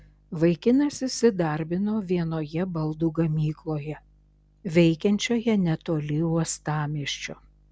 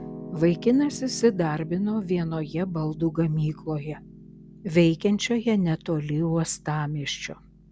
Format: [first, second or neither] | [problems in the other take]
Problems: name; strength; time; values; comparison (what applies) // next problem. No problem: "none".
first | background sound (Piano); 17 dB below the speech